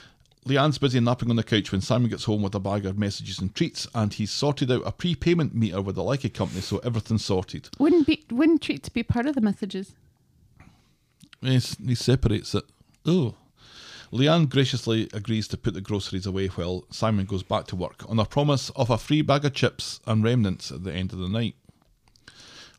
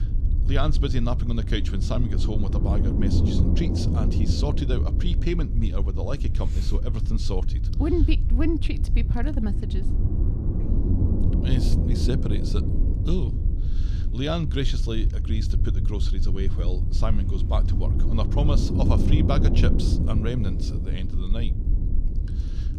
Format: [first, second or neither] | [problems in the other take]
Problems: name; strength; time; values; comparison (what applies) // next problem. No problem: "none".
first | low rumble; loud; throughout; 4 dB below the speech